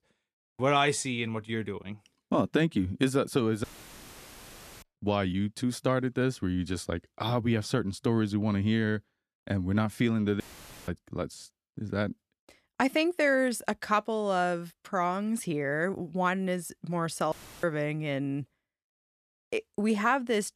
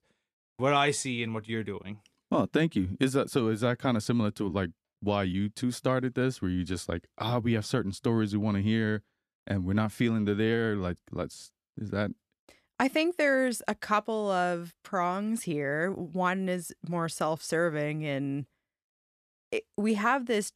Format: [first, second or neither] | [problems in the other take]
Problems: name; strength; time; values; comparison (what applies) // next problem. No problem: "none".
second | audio cutting out; filled with static; at 3.5 s for 1 s, at 10 s and at 17 s